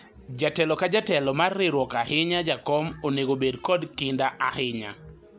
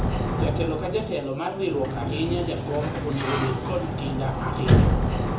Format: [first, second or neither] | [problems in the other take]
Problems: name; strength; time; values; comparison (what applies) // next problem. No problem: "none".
first | background sound (Sliding door); 4 dB above the speech // room echo; dies away in 0.6 s